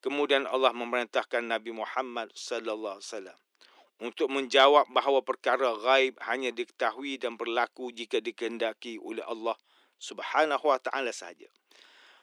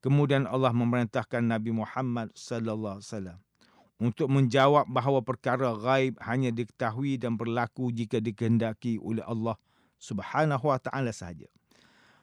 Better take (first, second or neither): second